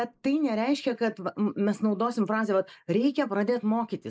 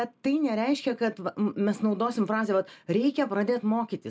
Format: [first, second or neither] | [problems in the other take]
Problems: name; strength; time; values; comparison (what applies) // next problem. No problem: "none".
second | noise reduction (neural mask model Resemble Enhance denoiser)